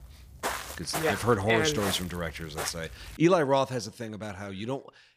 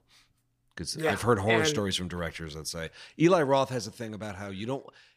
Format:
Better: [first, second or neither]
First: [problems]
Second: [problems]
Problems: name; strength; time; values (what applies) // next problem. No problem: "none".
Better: second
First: footsteps; noticeable; until 3 s; peak 5 dB below the speech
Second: none